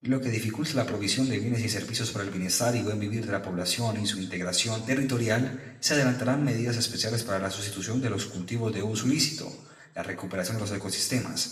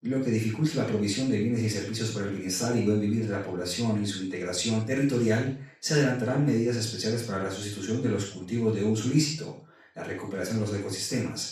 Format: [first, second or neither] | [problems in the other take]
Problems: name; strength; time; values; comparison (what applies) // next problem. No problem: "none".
first | room echo; strong; dies away in 0.4 s; slight in the first // off-mic speech; far; somewhat distant in the first